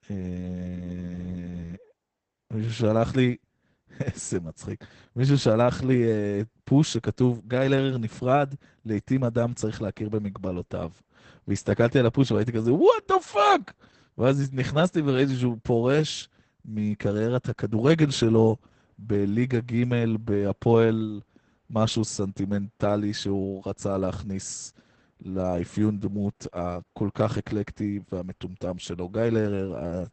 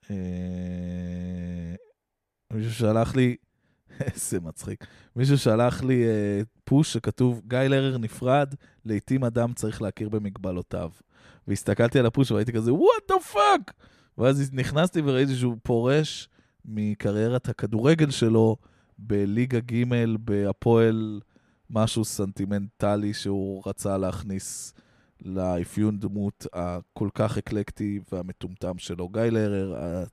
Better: second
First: garbled, watery; badly; nothing above 8 kHz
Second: none

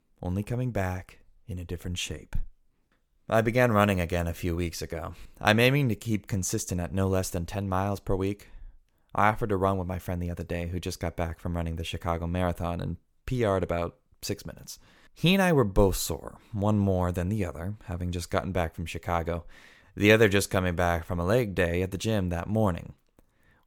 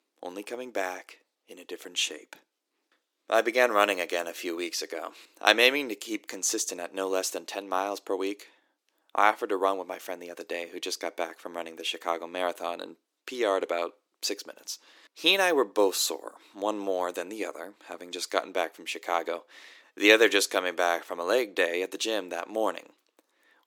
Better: first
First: none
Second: thin; very; fading below 300 Hz

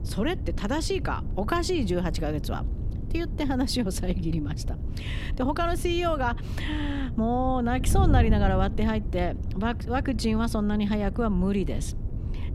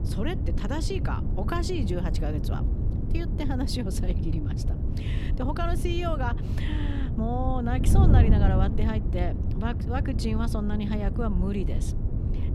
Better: first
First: wind noise on the microphone; occasional gusts; 15 dB below the speech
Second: wind noise on the microphone; heavy; 6 dB below the speech

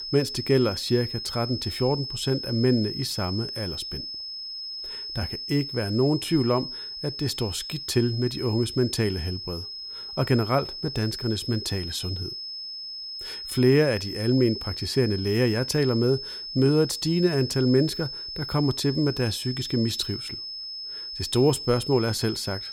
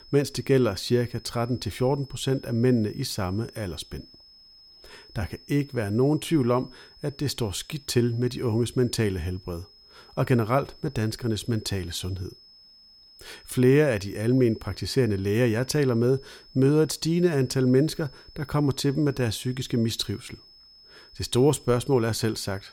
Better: second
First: high-pitched whine; loud; throughout; 5 kHz, 7 dB below the speech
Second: high-pitched whine; faint; throughout; 5 kHz, 25 dB below the speech

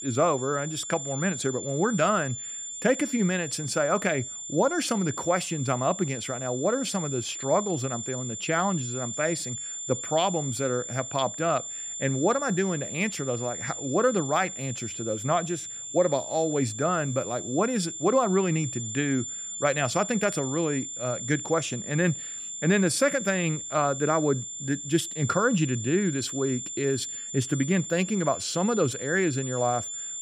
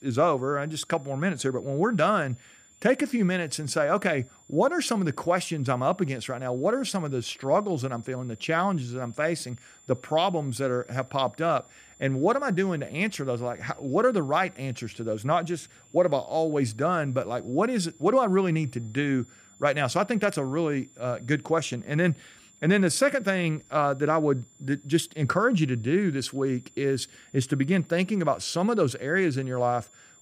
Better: second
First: high-pitched whine; loud; throughout; 7 kHz, 6 dB below the speech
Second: high-pitched whine; faint; throughout; 7 kHz, 30 dB below the speech

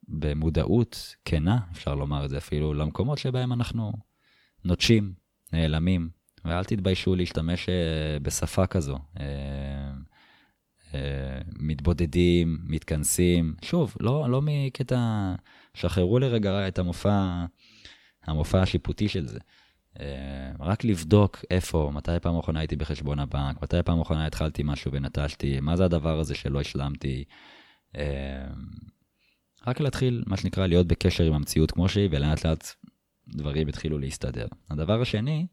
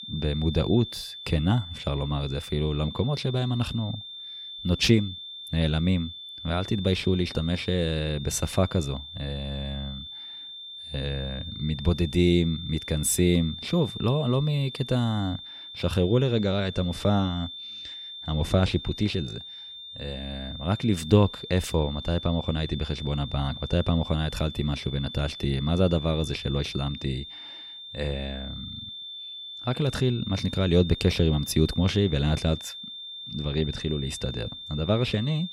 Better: first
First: none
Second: high-pitched whine; noticeable; throughout; 3.5 kHz, 10 dB below the speech

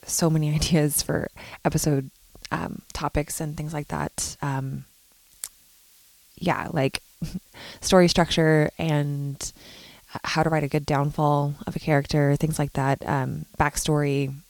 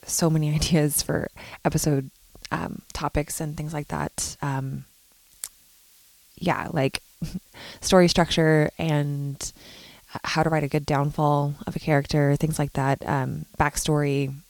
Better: neither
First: hiss; faint; throughout; 30 dB below the speech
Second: hiss; faint; throughout; 30 dB below the speech

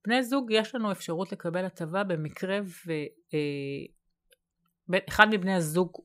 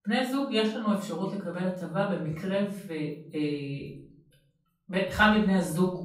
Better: first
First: none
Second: off-mic speech; far // room echo; noticeable; dies away in 0.7 s

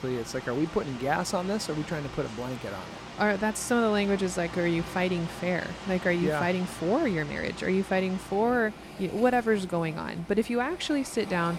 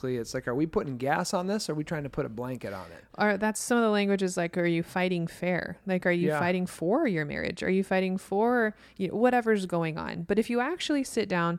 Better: second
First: rain or running water; noticeable; throughout; 15 dB below the speech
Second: none

